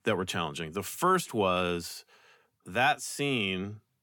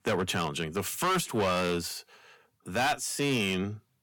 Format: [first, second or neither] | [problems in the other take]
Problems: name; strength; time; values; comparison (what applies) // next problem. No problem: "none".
first | distortion; heavy; 11% of the sound clipped